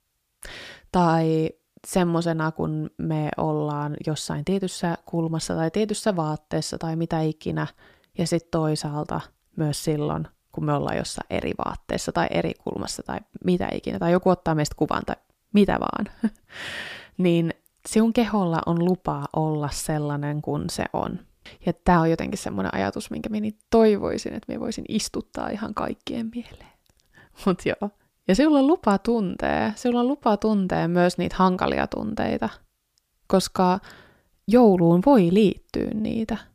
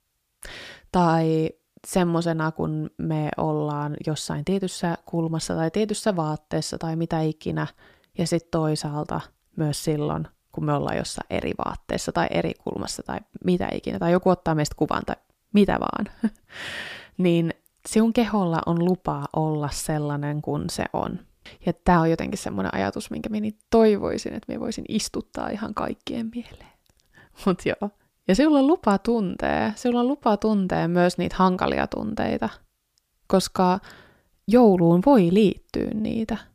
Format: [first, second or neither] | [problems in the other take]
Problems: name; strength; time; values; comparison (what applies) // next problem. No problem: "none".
neither | none